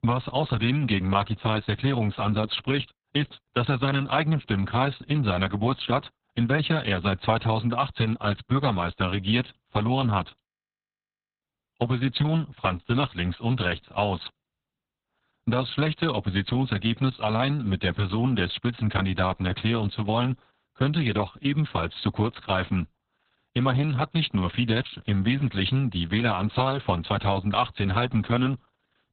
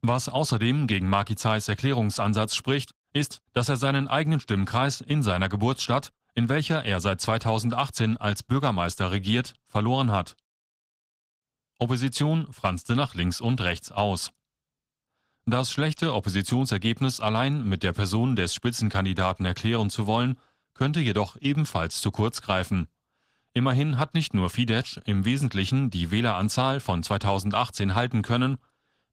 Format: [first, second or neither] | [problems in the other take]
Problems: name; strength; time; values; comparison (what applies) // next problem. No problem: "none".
second | garbled, watery; badly; nothing above 4 kHz; slightly in the second